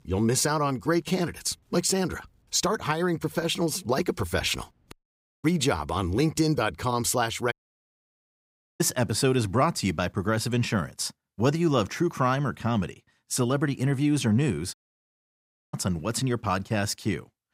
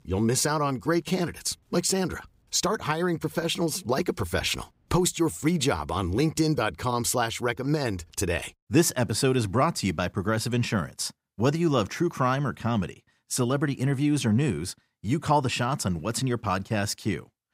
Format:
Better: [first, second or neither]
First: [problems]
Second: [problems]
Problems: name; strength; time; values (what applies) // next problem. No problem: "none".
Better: second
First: audio cutting out; at 5 s for 0.5 s, at 7.5 s for 1.5 s and at 15 s for 1 s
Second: none